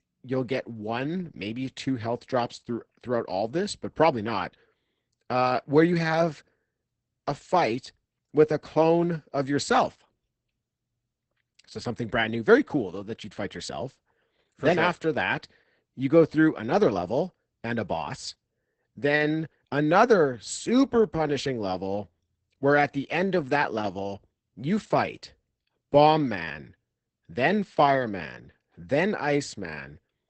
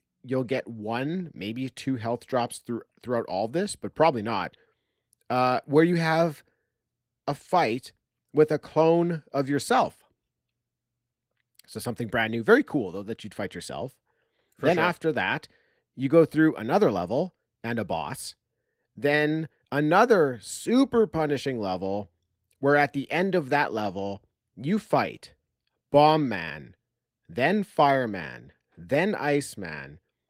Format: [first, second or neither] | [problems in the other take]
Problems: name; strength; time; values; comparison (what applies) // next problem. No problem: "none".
second | garbled, watery; badly; nothing above 8 kHz; slightly in the second